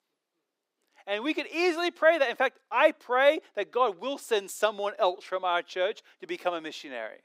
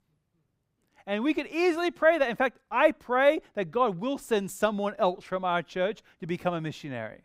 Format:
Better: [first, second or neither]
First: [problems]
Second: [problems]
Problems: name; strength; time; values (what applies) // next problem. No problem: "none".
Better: second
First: thin; somewhat; fading below 350 Hz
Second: none